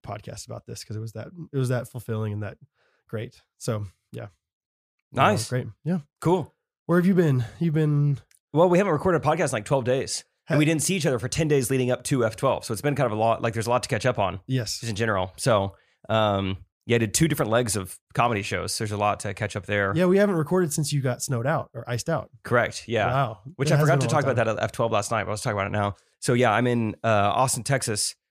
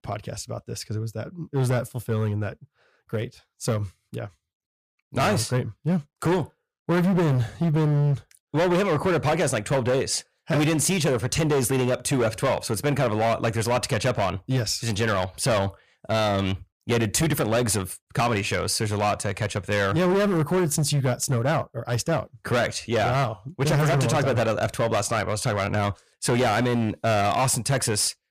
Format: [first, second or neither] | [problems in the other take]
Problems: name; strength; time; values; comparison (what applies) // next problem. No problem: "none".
first | distortion; heavy; 16% of the sound clipped